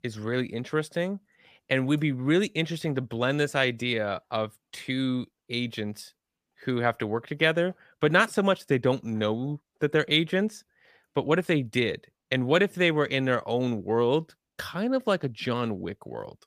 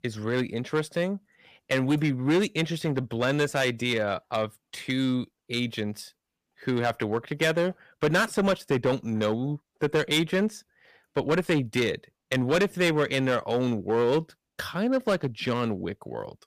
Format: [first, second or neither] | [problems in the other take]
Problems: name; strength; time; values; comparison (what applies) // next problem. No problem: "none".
first | distortion; slight; 5% of the sound clipped